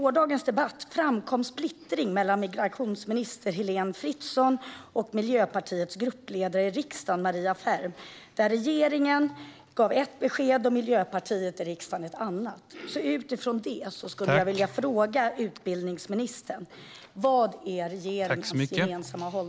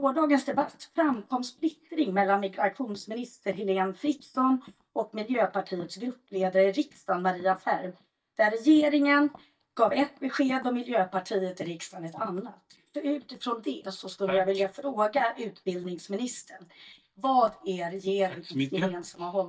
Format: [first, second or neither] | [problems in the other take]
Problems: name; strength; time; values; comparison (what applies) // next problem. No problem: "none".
first | noise reduction (neural mask model DeepFilterNet 3)